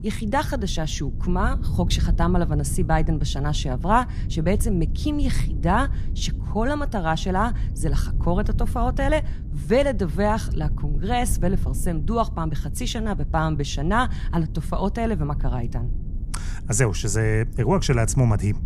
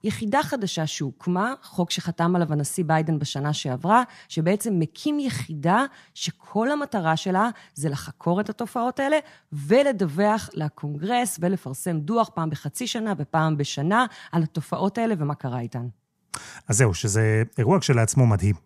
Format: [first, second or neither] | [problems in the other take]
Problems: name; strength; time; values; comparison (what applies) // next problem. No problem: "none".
second | low rumble; noticeable; throughout; 20 dB below the speech